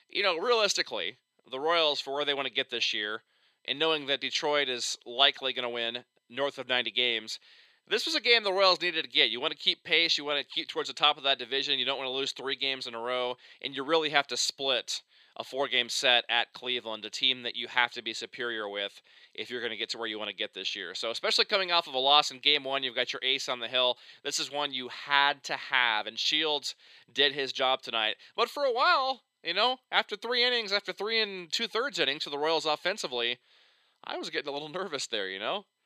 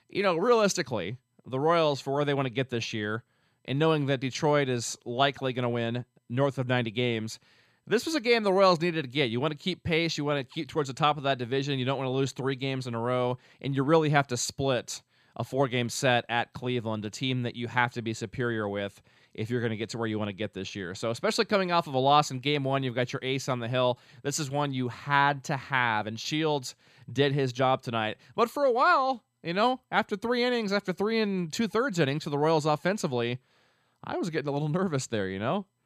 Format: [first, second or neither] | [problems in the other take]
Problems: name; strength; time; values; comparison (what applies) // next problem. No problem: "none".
second | thin; somewhat; fading below 450 Hz